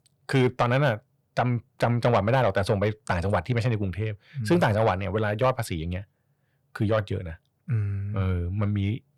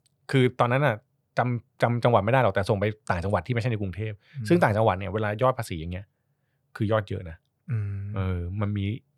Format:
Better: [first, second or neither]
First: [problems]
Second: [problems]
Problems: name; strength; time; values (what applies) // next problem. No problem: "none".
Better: second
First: distortion; slight; 10 dB below the speech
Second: none